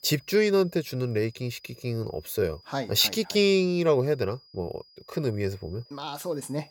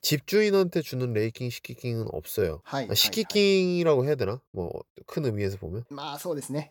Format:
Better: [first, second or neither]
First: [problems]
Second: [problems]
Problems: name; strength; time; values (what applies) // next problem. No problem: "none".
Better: second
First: high-pitched whine; faint; throughout; 5 kHz, 25 dB below the speech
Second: none